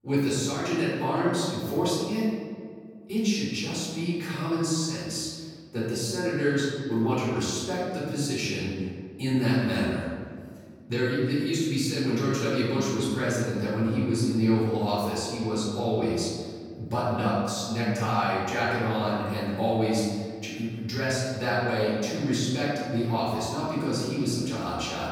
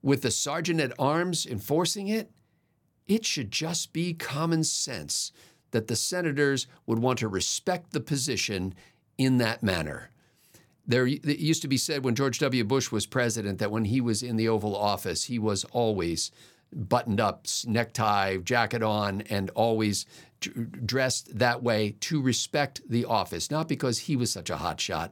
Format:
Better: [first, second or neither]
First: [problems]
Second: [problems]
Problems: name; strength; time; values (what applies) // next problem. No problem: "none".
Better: second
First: room echo; strong; dies away in 1.8 s // off-mic speech; far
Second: none